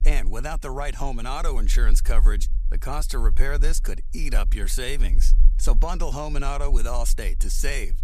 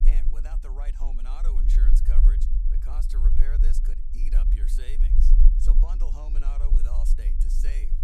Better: first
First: low rumble; faint; throughout; 20 dB below the speech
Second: low rumble; loud; throughout; 3 dB below the speech

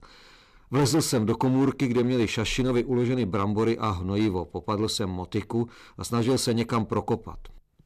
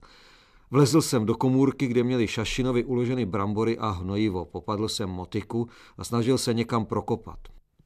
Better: second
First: distortion; slight; 6% of the sound clipped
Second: none

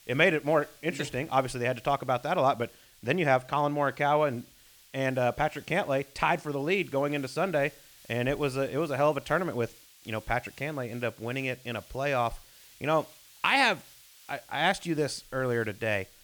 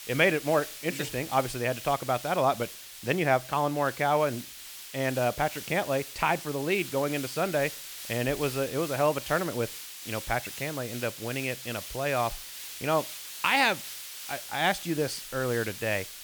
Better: first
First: hiss; faint; throughout; 25 dB below the speech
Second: hiss; loud; throughout; 10 dB below the speech

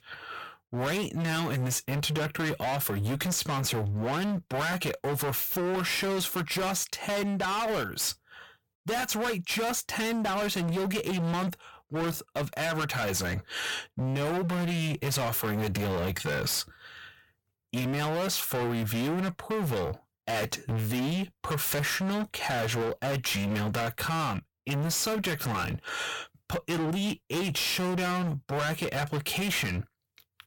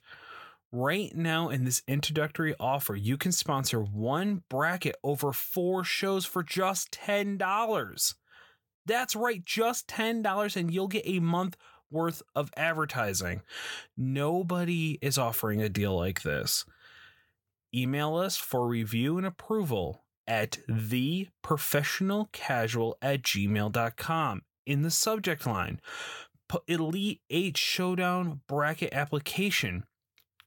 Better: second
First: distortion; heavy; 36% of the sound clipped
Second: none

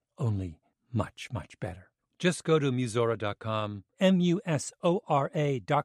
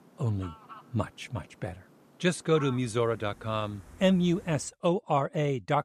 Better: first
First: none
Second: animal sounds; faint; until 4.5 s; 20 dB below the speech

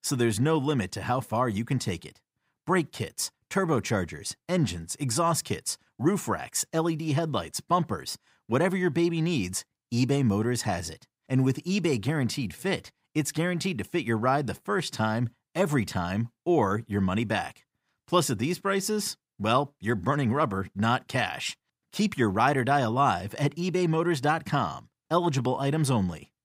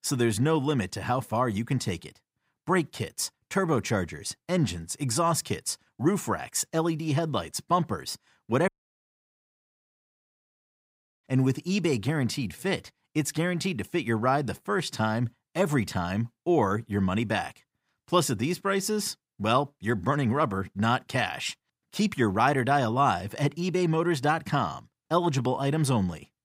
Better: first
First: none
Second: audio cutting out; at 8.5 s for 2.5 s

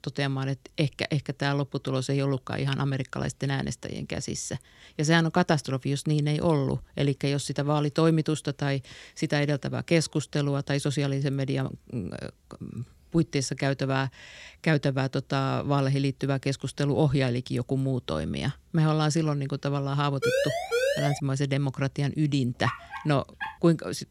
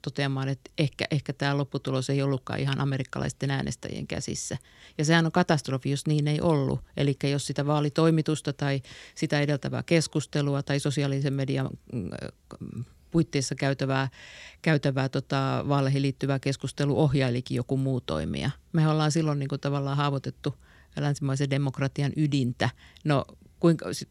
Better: second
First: siren; loud; at 20 s; peak 1 dB above the speech // dog barking; noticeable; at 23 s; peak 7 dB below the speech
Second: none

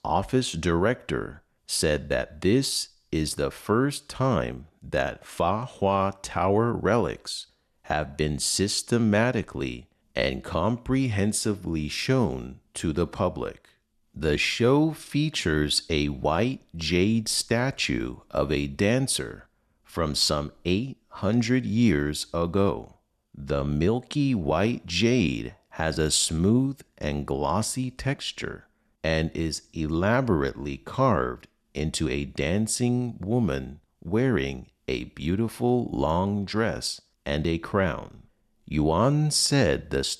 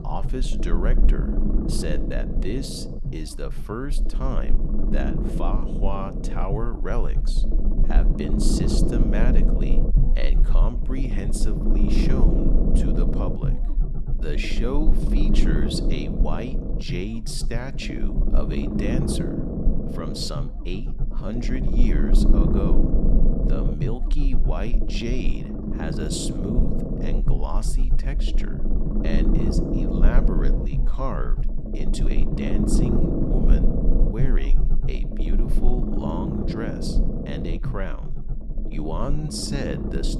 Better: first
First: none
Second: low rumble; loud; throughout; as loud as the speech

